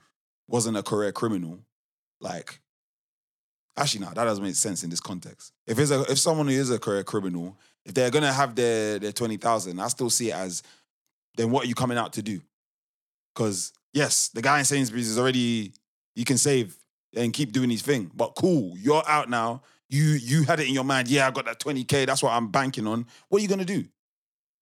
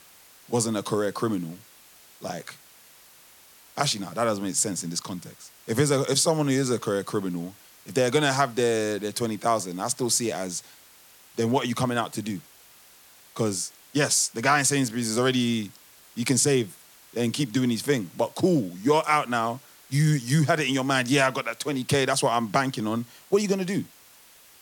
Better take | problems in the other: first | hiss; faint; throughout; 25 dB below the speech

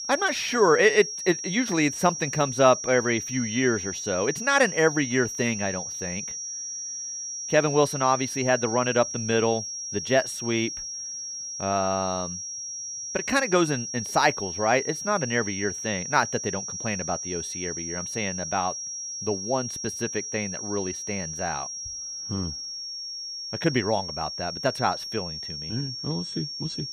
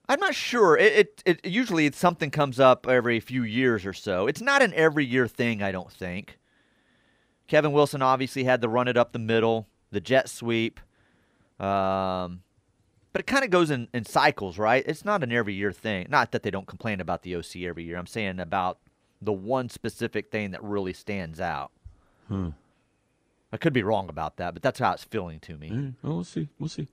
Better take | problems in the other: second | high-pitched whine; loud; throughout; 5.5 kHz, 6 dB below the speech

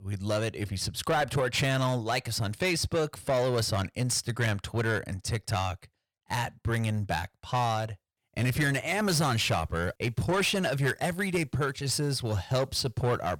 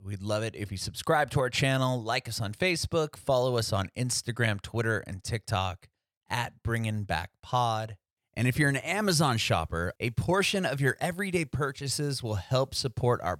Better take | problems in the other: second | distortion; slight; 10 dB below the speech

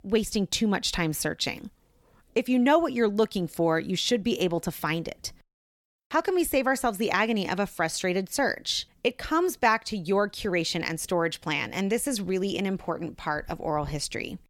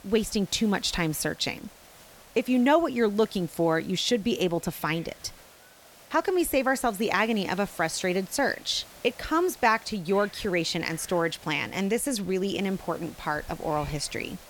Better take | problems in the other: first | hiss; faint; throughout; 20 dB below the speech

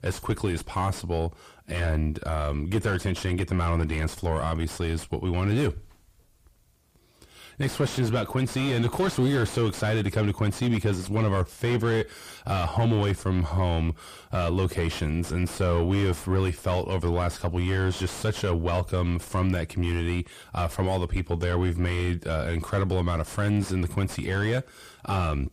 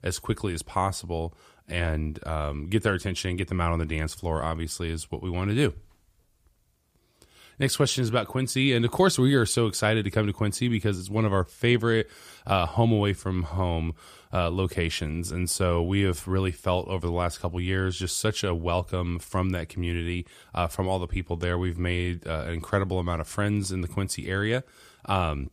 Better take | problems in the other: second | distortion; heavy; 7 dB below the speech

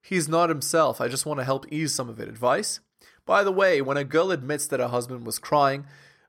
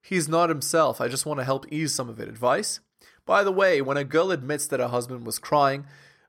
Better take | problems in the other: neither | none

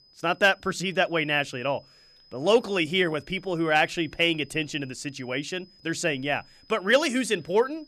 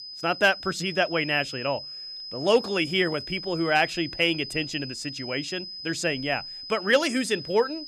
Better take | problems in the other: first | high-pitched whine; loud; throughout; 5 kHz, 10 dB below the speech; faint in the first

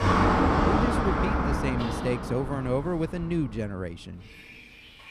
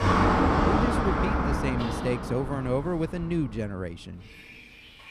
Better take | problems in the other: neither | traffic noise; very loud; throughout; 5 dB above the speech; the same in both

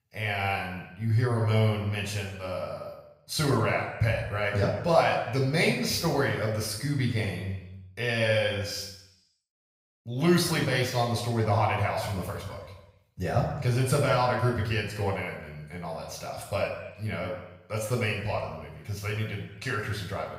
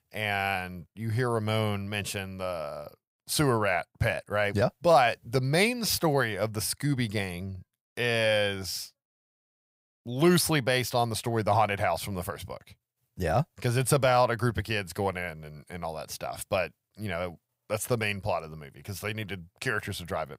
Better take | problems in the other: second | room echo; noticeable; dies away in 0.8 s // off-mic speech; far

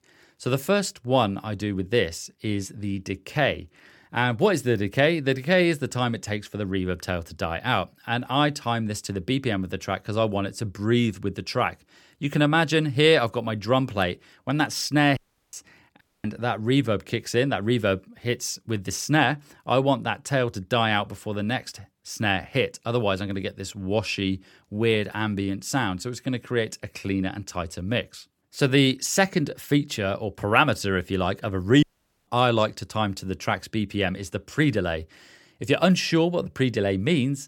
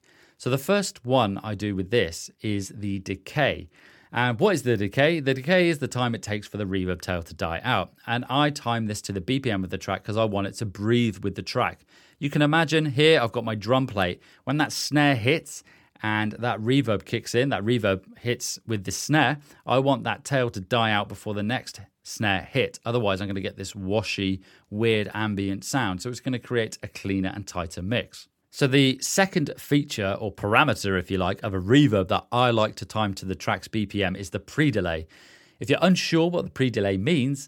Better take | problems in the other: second | audio cutting out; at 15 s, at 16 s and at 32 s

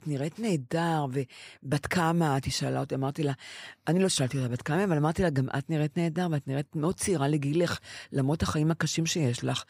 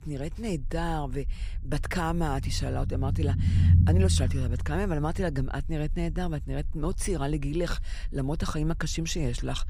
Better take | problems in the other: first | low rumble; loud; throughout; 8 dB below the speech

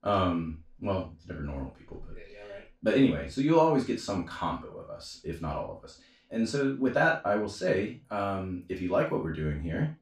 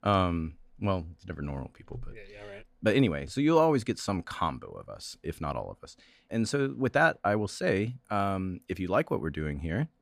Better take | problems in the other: second | room echo; noticeable; dies away in 0.3 s // off-mic speech; far

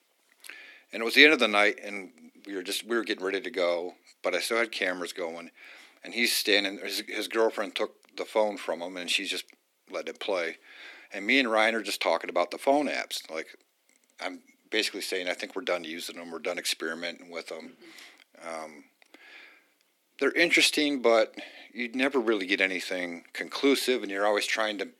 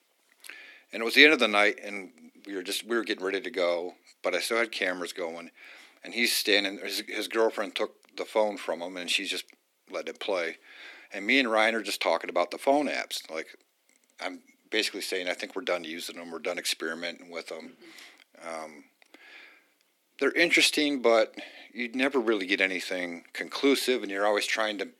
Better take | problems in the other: neither | thin; somewhat; fading below 250 Hz; the same in both

